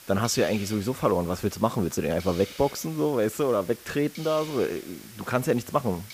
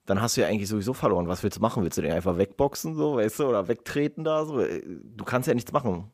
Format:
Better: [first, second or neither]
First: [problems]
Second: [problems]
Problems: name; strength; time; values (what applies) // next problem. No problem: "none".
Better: second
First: hiss; noticeable; throughout; 15 dB below the speech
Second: none